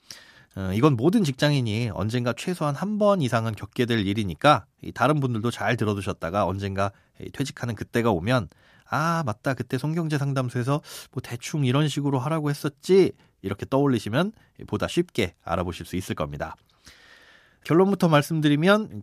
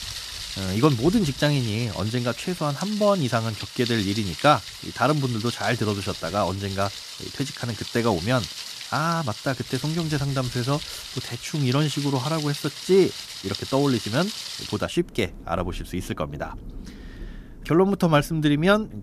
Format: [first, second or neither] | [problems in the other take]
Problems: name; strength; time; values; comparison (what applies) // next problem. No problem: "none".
first | rain or running water; loud; throughout; 10 dB below the speech